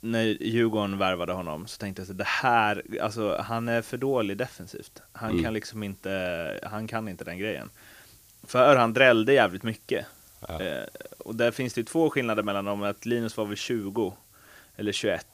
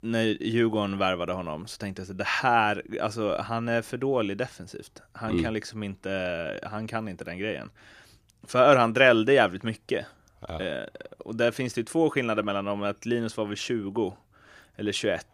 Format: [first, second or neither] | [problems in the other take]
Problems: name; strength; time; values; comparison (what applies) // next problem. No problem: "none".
second | hiss; faint; throughout; 25 dB below the speech